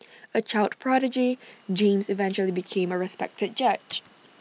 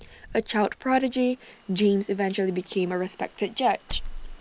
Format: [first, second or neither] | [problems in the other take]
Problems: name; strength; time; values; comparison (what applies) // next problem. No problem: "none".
first | background sound (Wind / Car); 14 dB below the speech